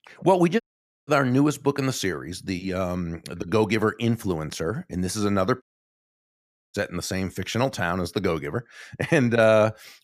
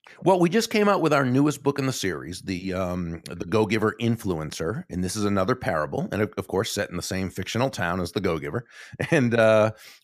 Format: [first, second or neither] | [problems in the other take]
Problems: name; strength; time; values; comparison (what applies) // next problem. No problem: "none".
second | audio cutting out; at 0.5 s and at 5.5 s for 1 s